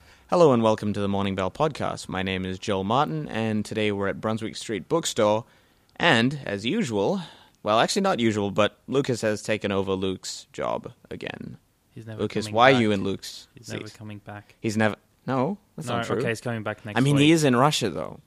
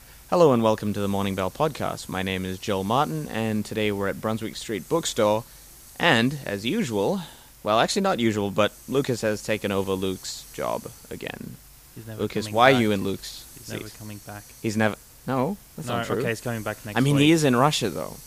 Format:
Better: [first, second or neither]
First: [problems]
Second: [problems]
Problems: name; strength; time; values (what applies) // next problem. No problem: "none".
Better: first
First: none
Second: hiss; faint; throughout; 20 dB below the speech